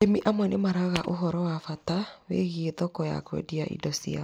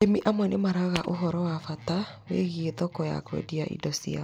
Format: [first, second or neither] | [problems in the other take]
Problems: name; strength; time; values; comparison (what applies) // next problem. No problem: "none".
first | background sound (Guitar); 20 dB below the speech